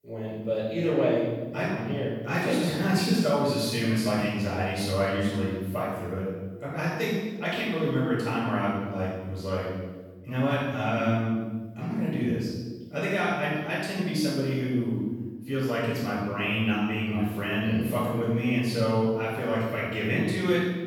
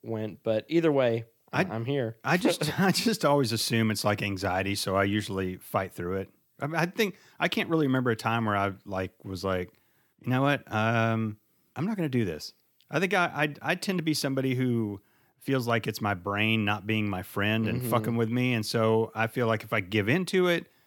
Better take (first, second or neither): second